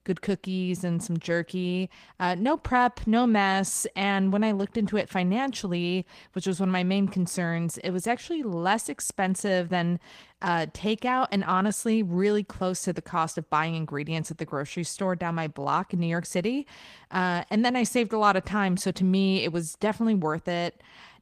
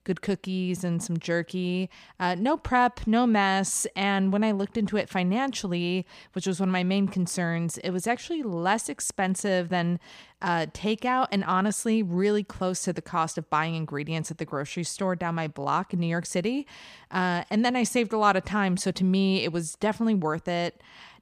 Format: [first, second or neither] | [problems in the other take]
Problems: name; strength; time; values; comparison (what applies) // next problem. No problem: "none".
second | garbled, watery; slightly